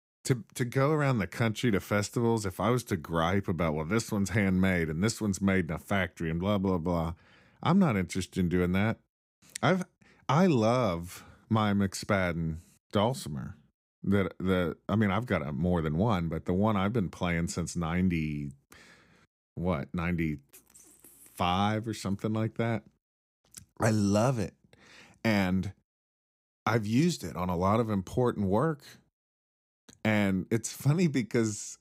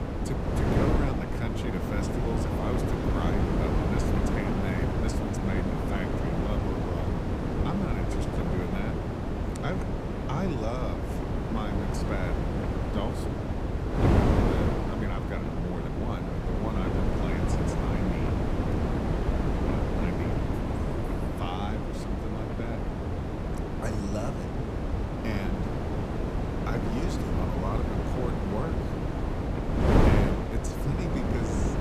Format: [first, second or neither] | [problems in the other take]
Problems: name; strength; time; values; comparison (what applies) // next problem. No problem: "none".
first | wind noise on the microphone; heavy; 5 dB above the speech